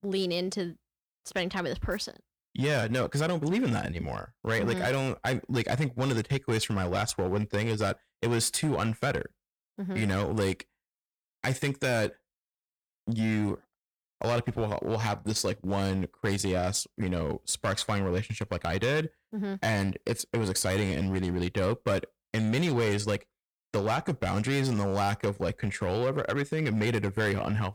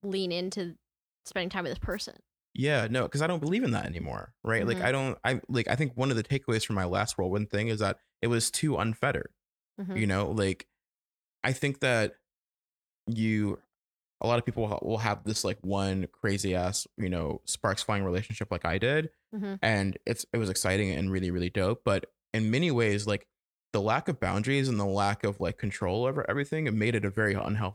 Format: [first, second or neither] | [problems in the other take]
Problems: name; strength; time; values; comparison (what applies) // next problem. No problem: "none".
second | distortion; slight; 8% of the sound clipped